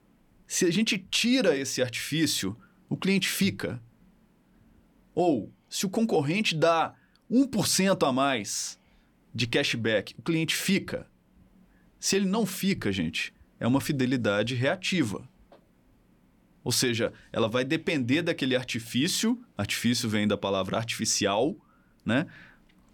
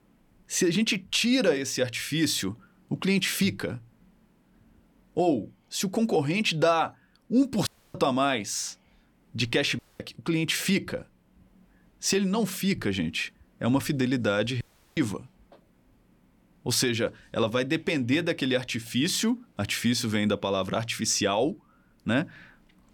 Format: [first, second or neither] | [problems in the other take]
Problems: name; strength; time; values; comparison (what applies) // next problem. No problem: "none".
first | audio cutting out; at 7.5 s, at 10 s and at 15 s